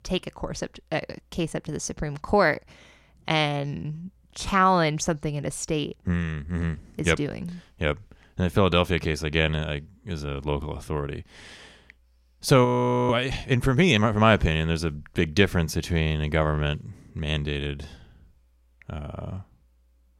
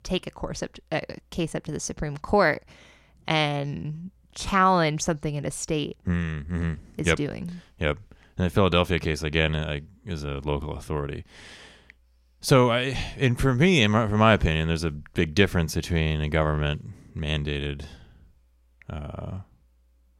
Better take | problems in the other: second | audio freezing; at 13 s

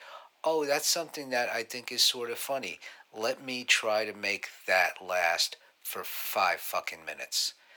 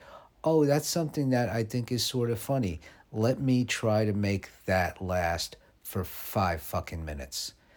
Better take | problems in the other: second | thin; very; fading below 700 Hz

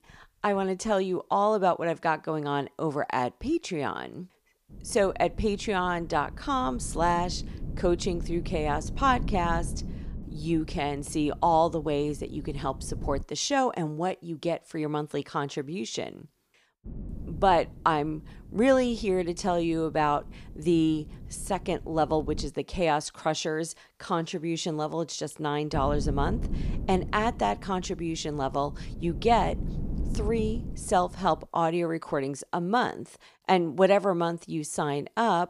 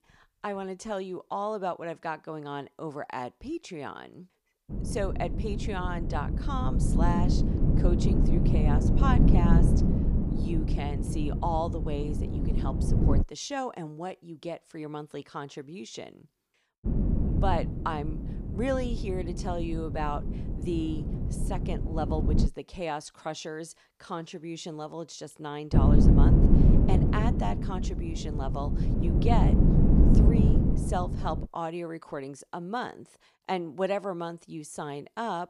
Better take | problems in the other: first | wind noise on the microphone; heavy; from 4.5 to 13 s, from 17 to 22 s and from 26 to 31 s; 1 dB below the speech; occasional gusts in the first

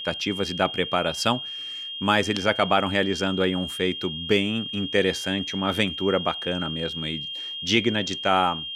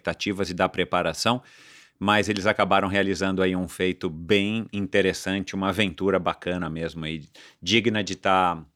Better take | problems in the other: second | high-pitched whine; loud; throughout; 3 kHz, 6 dB below the speech

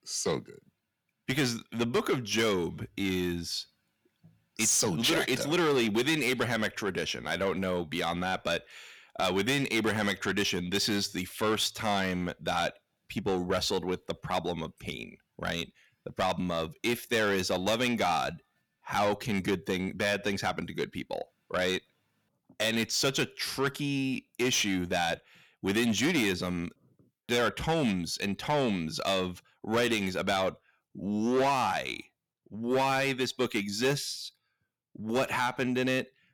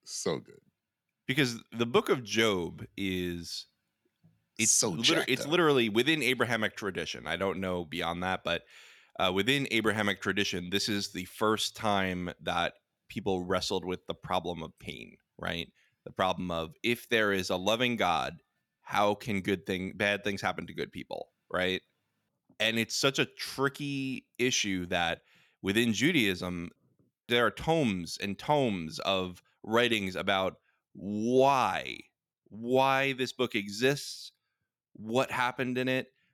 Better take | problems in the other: second | distortion; heavy; 8 dB below the speech

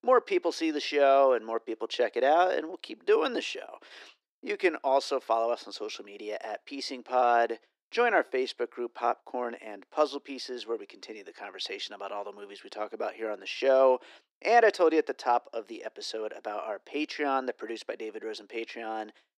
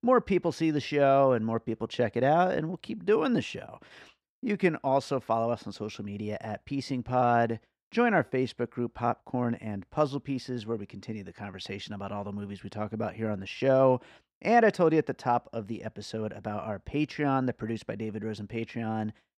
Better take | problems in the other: second | thin; somewhat; fading below 300 Hz

